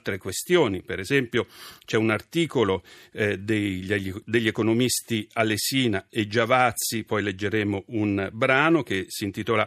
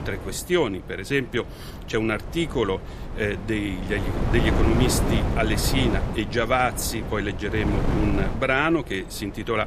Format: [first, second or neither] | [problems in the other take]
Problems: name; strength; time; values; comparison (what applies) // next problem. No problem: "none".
first | wind noise on the microphone; heavy; 7 dB below the speech